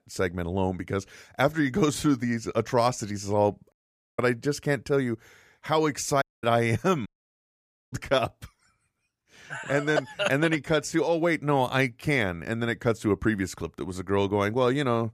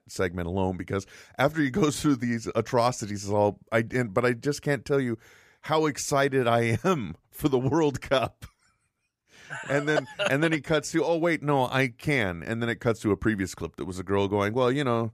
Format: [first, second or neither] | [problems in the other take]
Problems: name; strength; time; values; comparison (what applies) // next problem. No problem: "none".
second | audio cutting out; at 3.5 s, at 6 s and at 7 s for 1 s